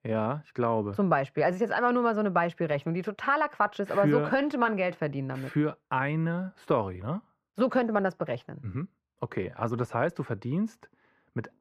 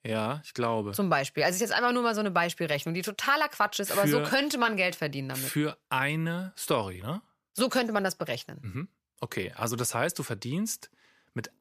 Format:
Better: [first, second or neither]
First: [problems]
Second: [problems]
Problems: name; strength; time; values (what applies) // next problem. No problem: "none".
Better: second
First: muffled; very; fading above 3.5 kHz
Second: none